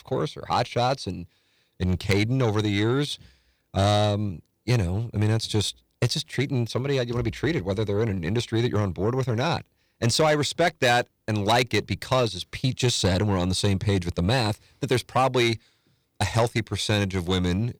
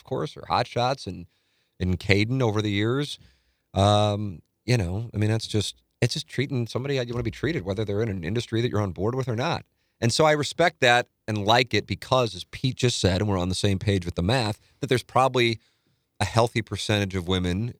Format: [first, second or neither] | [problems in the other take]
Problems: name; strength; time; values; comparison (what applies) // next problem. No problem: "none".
second | distortion; slight; 10 dB below the speech